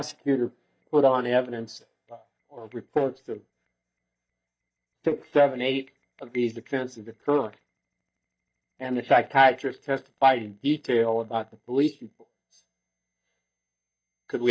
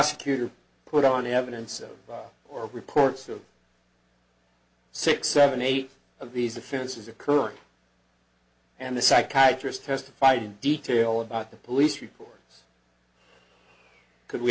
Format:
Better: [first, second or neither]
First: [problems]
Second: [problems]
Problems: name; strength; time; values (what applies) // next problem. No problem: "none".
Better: second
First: noise reduction (neural mask model DeepFilterNet 3)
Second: none